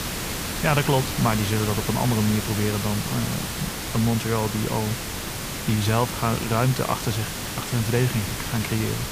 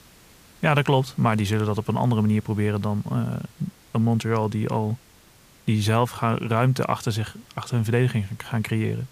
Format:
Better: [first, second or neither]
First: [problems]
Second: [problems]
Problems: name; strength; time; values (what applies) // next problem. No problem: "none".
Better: second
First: hiss; loud; throughout; 4 dB below the speech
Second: hiss; faint; throughout; 25 dB below the speech